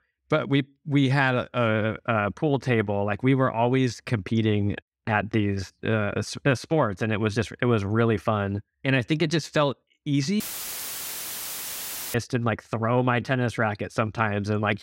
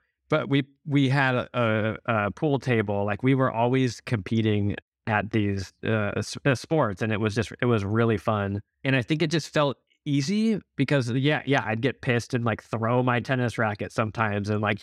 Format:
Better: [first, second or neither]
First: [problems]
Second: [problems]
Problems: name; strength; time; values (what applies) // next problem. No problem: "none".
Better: second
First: audio cutting out; filled with static; at 10 s for 1.5 s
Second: none